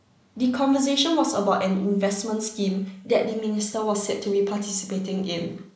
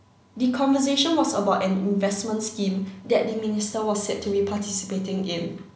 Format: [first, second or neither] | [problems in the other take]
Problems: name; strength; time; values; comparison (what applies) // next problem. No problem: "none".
second | noise reduction (neural mask model Resemble Enhance denoiser)